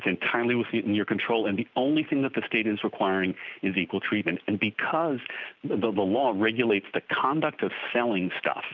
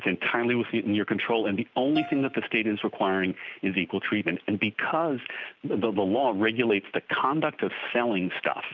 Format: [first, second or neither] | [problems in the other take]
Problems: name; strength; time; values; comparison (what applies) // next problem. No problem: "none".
first | background sound (Piano); 19 dB below the speech